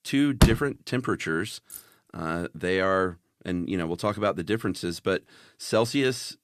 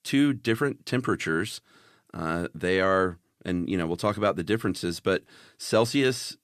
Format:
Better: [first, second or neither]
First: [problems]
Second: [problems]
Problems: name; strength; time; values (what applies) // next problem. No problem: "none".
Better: second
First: door banging; loud; at 0.5 s; peak 5 dB above the speech // jangling keys; faint; at 1.5 s; peak 15 dB below the speech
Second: none